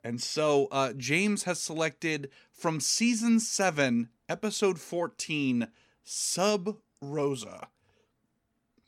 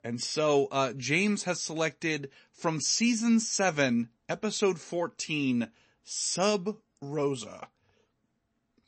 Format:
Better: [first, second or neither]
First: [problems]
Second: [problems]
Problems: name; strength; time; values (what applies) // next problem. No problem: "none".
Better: first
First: none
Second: garbled, watery; slightly; nothing above 8 kHz